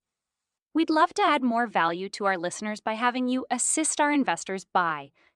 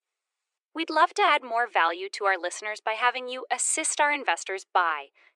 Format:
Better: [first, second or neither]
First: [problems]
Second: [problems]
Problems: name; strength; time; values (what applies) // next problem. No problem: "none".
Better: first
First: none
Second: thin; very; fading below 400 Hz